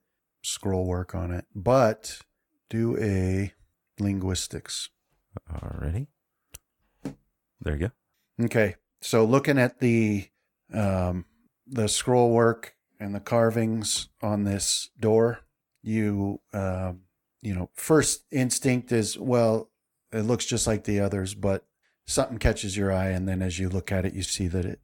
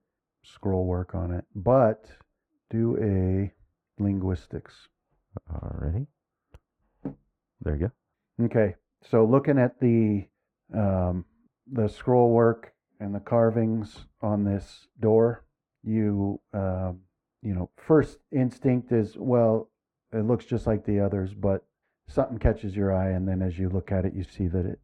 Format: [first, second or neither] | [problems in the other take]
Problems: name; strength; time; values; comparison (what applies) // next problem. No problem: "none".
first | muffled; very; fading above 3 kHz